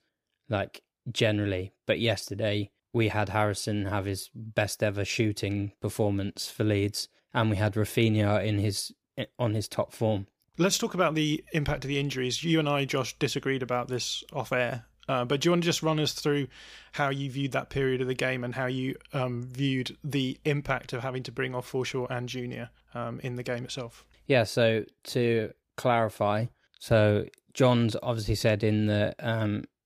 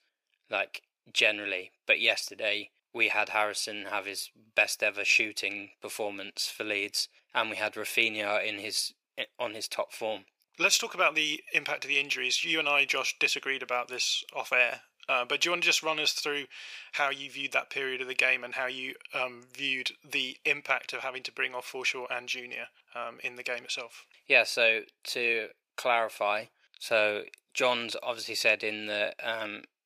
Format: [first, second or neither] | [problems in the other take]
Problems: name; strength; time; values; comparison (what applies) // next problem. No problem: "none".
first | thin; very; fading below 600 Hz